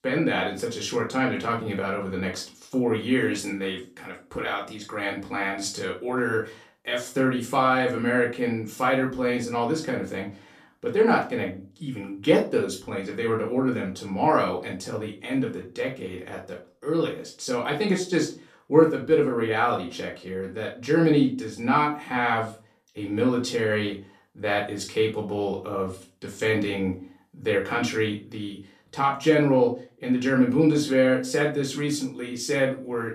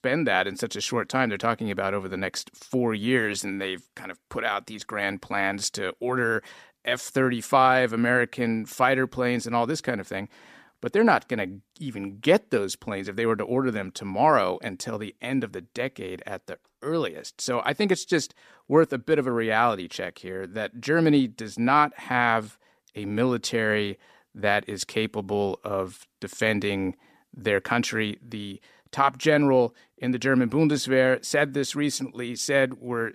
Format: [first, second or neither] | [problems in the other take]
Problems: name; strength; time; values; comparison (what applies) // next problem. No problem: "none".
second | off-mic speech; far // room echo; slight; dies away in 0.3 s